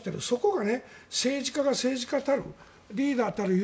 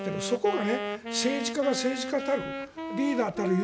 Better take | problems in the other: first | background sound (Wind instrument, woodwind instrument); 5 dB below the speech

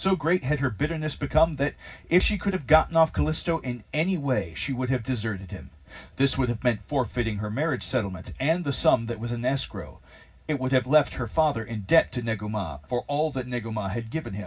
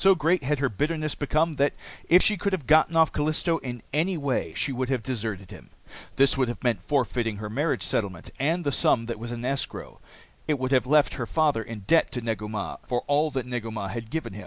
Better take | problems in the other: second | room echo; dies away in 0.4 s

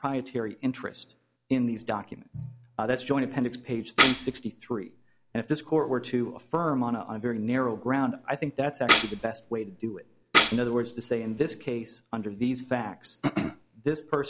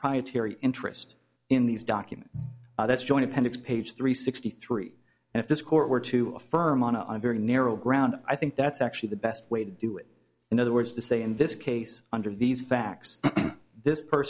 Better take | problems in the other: second | background sound (Tambourine); 1 dB above the speech

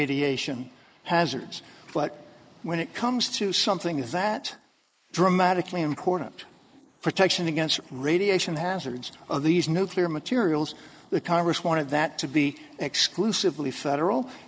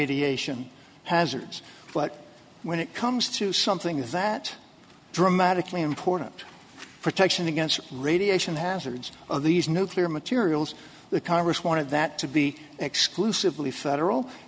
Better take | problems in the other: second | noise reduction (neural mask model Resemble Enhance denoiser)

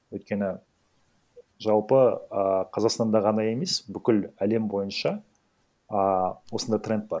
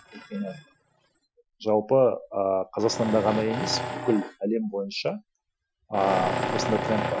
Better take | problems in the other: first | noise reduction (classical method Wiener filter)

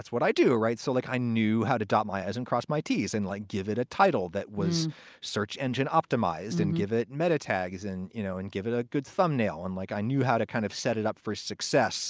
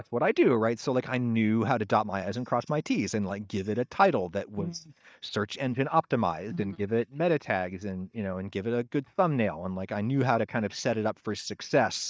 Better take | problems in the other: first | noise reduction (neural mask model DeepFilterNet 3)

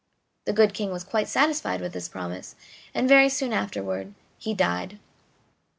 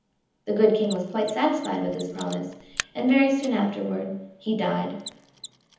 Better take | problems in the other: first | background sound (Mechanisms); 17 dB below the speech // room echo; dies away in 1.3 s

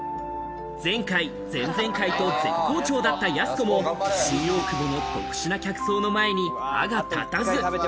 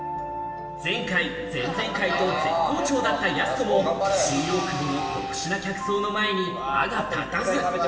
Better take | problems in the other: first | room echo; dies away in 2 s

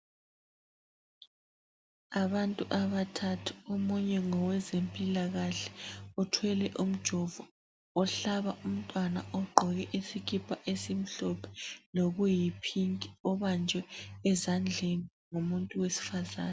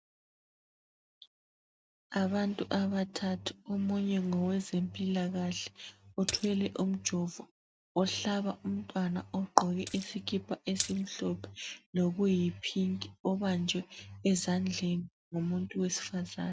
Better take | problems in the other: first | noise reduction (neural mask model RNNoise)

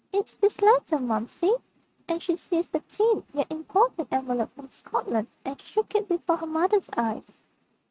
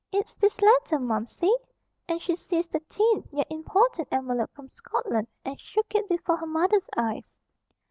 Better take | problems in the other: second | noise reduction (neural mask model RNNoise)

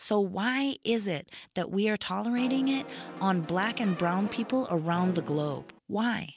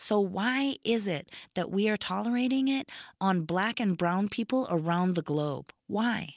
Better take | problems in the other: second | background sound (Brass instrument); 12 dB below the speech

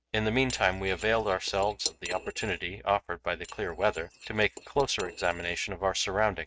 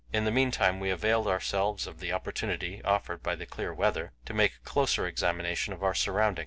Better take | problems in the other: second | noise reduction (neural mask model RNNoise)

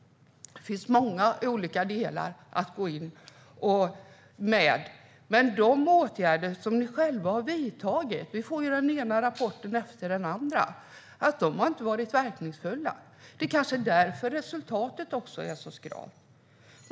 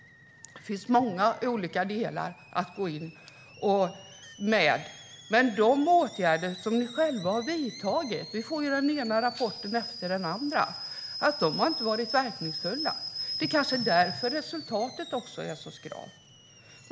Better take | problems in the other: first | background sound (Boiling / Alarm); 12 dB below the speech

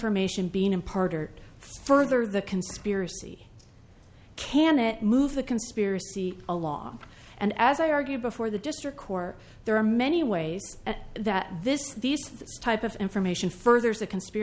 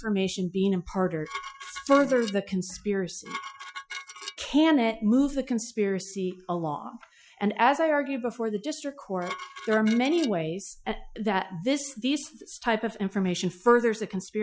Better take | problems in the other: first | noise reduction (classical method Wiener filter)

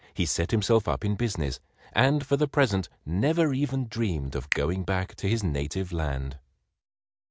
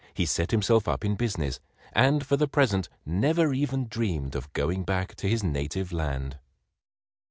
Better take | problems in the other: second | background sound (Finger snapping); 14 dB below the speech

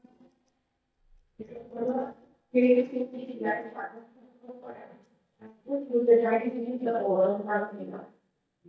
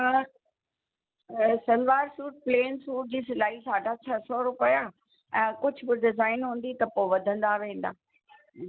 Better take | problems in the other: second | noise reduction (neural mask model DeepFilterNet 3)

